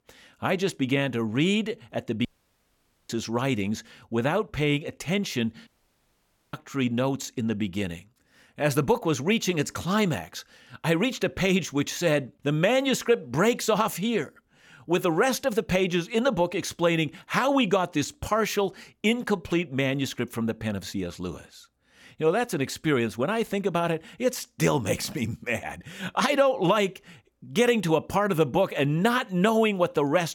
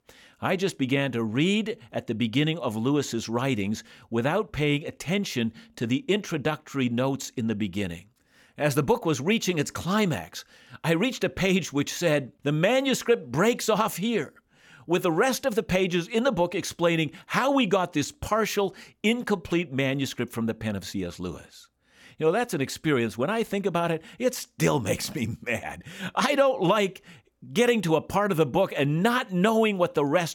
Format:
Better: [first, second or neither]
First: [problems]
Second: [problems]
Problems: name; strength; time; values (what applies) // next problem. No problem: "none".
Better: second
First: audio cutting out; at 2.5 s for 1 s and at 5.5 s for 1 s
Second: none